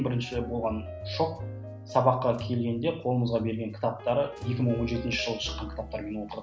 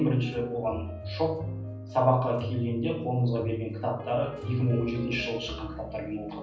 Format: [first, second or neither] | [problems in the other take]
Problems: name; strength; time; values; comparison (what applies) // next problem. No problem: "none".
first | room echo; dies away in 0.6 s